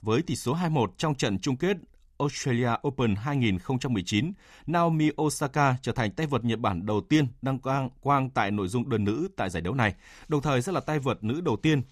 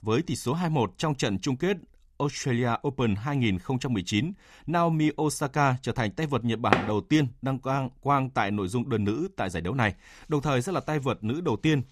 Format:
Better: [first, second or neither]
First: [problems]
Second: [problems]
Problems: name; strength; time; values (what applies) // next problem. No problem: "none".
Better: first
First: none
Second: door banging; loud; at 6.5 s; peak 1 dB above the speech